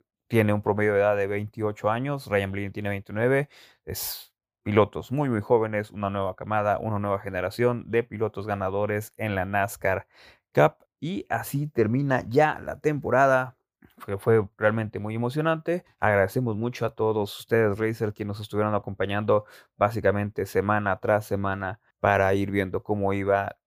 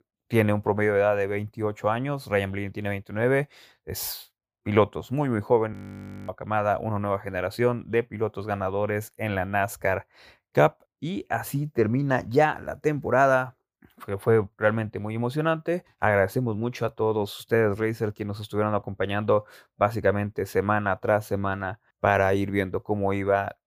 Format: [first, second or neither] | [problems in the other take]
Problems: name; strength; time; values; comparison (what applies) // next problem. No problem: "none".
first | audio freezing; at 5.5 s for 0.5 s